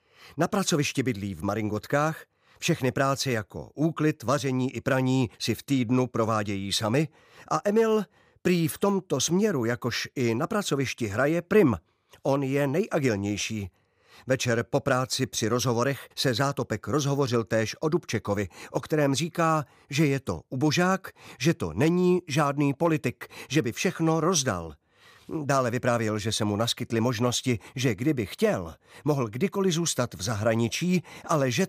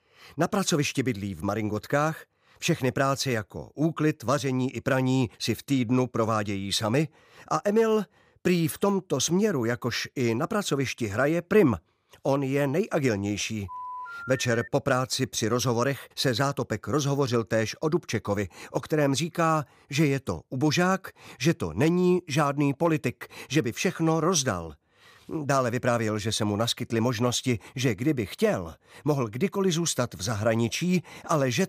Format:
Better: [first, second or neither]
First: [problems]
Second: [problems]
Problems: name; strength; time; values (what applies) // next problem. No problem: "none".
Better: first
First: none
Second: phone ringing; faint; from 14 to 15 s; peak 10 dB below the speech